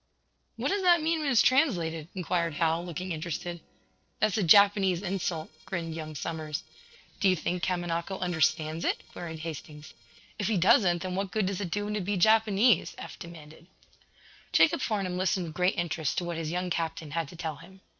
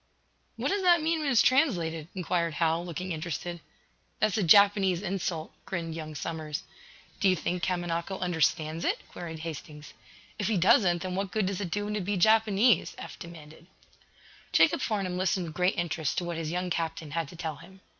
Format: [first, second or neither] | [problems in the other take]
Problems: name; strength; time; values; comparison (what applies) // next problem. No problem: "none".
second | noise reduction (neural separator model SepFormer DNS4)